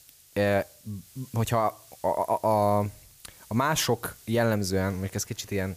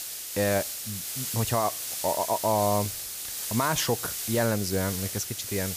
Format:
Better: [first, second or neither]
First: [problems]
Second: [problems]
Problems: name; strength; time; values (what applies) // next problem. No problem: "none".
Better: first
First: hiss; faint; throughout; 25 dB below the speech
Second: hiss; loud; throughout; 3 dB below the speech